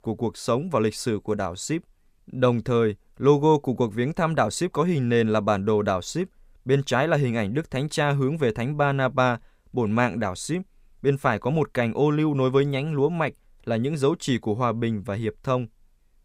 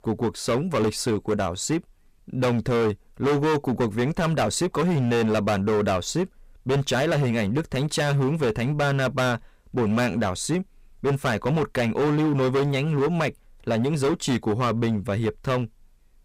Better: first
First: none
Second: distortion; heavy; 17% of the sound clipped

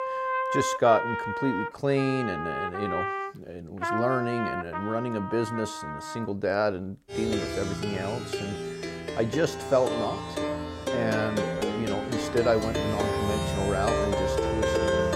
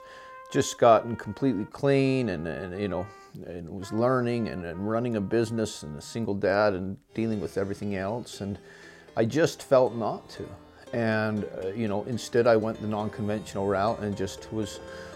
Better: second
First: background music; loud; throughout; 1 dB below the speech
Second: background music; faint; throughout; 20 dB below the speech

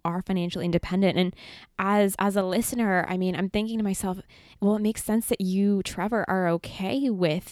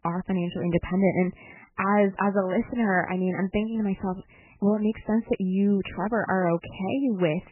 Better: first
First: none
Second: garbled, watery; badly; nothing above 3 kHz

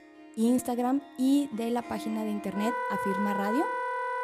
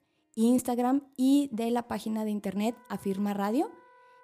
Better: second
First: background music; loud; throughout; 3 dB below the speech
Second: background music; faint; throughout; 30 dB below the speech

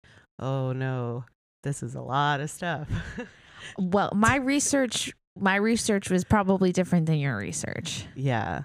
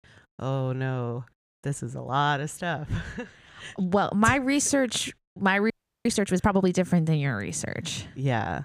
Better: first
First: none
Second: audio freezing; at 5.5 s

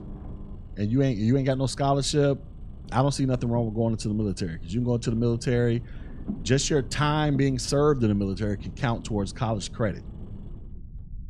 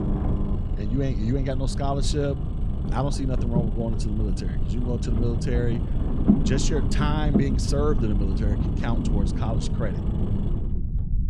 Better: first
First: low rumble; faint; throughout; 20 dB below the speech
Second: low rumble; loud; throughout; 4 dB below the speech

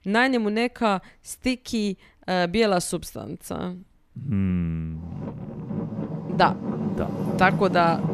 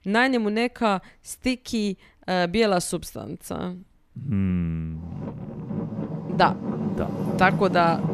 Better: neither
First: traffic noise; loud; throughout; 5 dB below the speech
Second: traffic noise; loud; throughout; 5 dB below the speech

